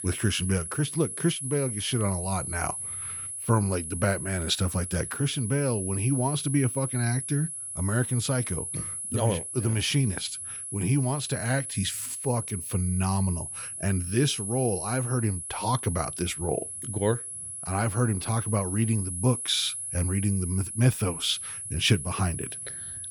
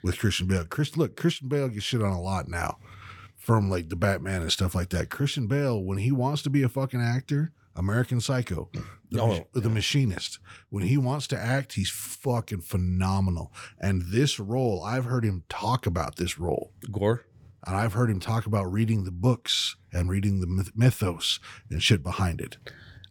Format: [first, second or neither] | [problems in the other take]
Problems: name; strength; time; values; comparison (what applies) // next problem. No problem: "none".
second | high-pitched whine; loud; throughout; 10.5 kHz, 5 dB below the speech